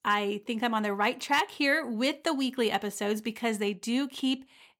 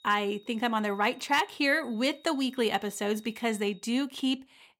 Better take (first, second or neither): first